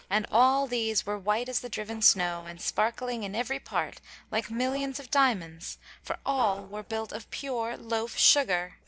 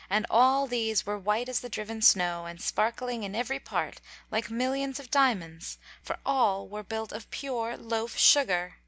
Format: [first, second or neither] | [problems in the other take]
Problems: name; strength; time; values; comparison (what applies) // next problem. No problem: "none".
second | noise reduction (neural separator model SepFormer DNS4)